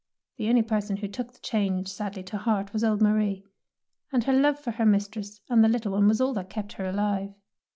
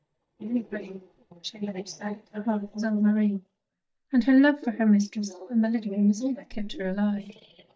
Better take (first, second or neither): first